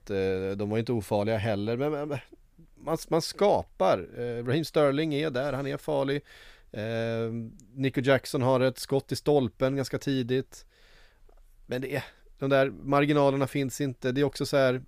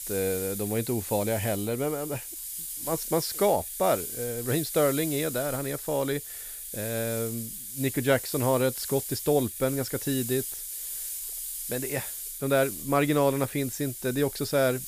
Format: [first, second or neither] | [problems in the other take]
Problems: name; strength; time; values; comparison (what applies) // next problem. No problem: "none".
first | hiss; loud; throughout; 6 dB below the speech